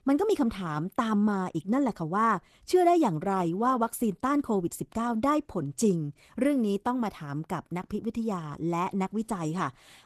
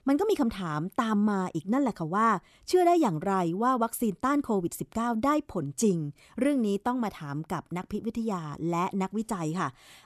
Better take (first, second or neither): second